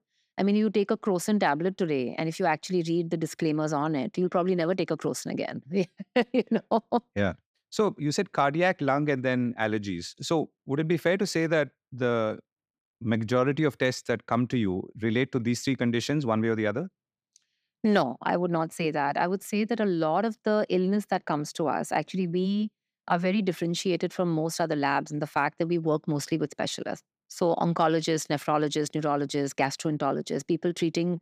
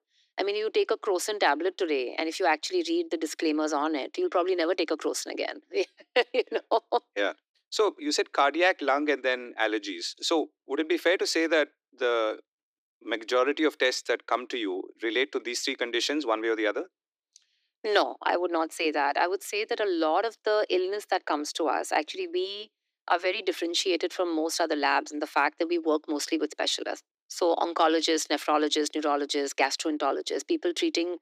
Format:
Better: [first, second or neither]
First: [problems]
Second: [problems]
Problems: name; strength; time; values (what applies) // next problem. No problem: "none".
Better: first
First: none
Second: thin; somewhat; fading below 300 Hz